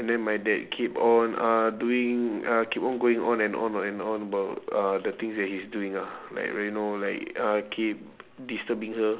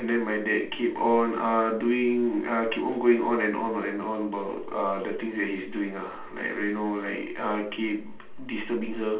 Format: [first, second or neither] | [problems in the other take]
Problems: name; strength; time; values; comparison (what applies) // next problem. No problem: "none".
first | room echo; dies away in 0.3 s